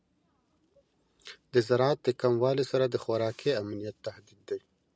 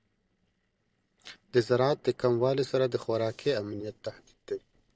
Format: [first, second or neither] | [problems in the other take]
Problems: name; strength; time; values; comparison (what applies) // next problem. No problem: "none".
first | noise reduction (neural separator model SepFormer DNS4)